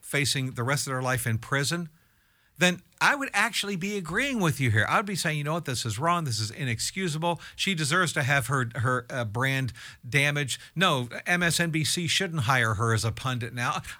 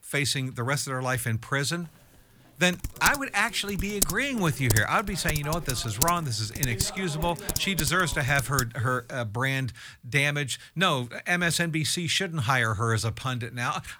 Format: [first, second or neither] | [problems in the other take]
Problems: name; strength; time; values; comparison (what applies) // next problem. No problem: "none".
first | keyboard typing; noticeable; from 3 to 8.5 s; peak level with the speech